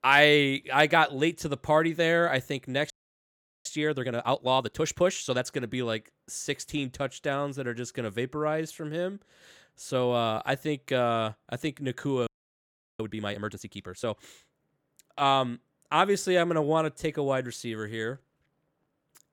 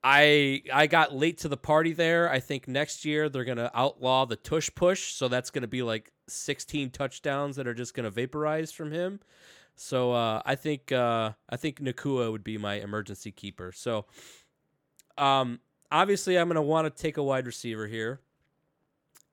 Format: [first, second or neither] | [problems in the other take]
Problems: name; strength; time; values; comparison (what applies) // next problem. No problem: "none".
second | audio freezing; at 3 s for 1 s and at 12 s for 0.5 s